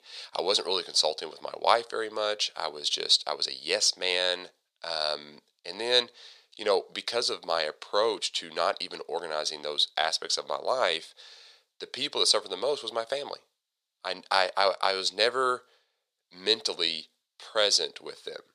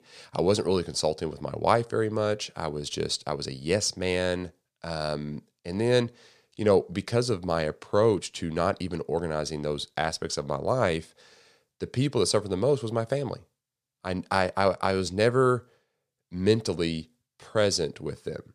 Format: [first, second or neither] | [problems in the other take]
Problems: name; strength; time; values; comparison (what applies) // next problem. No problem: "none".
second | thin; very; fading below 650 Hz